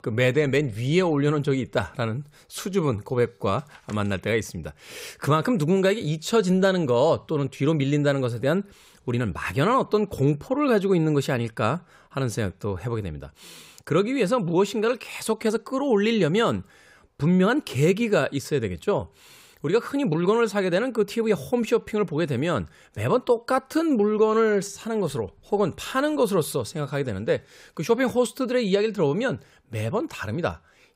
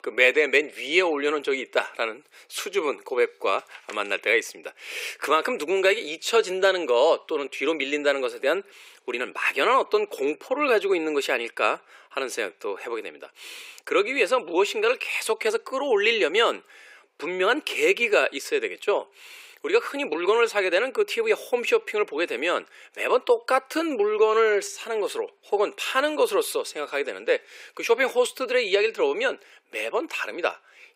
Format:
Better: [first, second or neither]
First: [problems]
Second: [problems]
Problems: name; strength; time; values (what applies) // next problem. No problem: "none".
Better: first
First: none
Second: thin; very; fading below 350 Hz